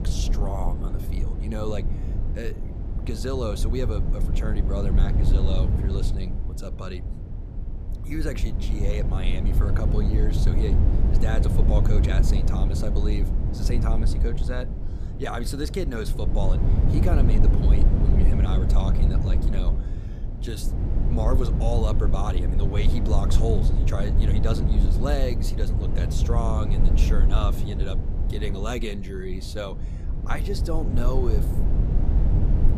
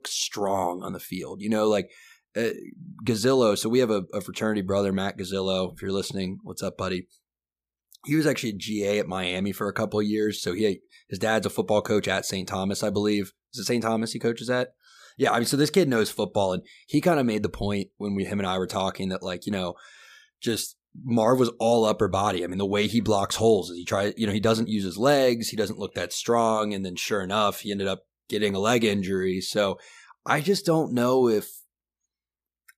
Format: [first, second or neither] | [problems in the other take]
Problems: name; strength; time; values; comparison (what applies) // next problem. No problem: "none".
second | low rumble; loud; throughout; 4 dB below the speech